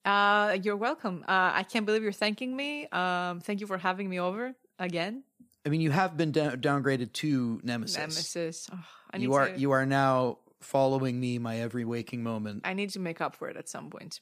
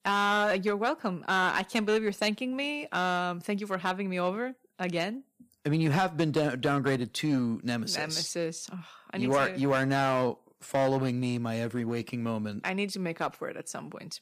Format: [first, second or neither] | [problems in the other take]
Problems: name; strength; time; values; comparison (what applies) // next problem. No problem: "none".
first | distortion; slight; 5% of the sound clipped